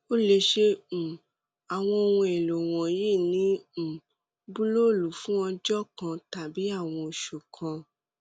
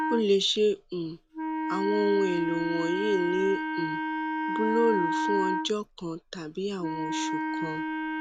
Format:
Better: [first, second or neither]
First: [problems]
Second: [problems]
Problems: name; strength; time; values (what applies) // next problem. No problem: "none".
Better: first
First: none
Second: background sound (Wind instrument, woodwind instrument); 2 dB below the speech